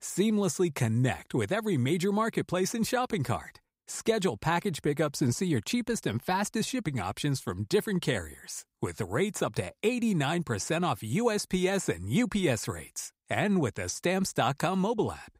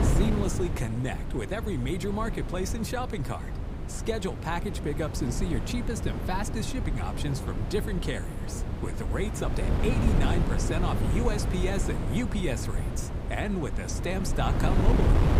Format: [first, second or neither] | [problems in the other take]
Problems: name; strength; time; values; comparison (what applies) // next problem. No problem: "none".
first | wind noise on the microphone; heavy; 4 dB below the speech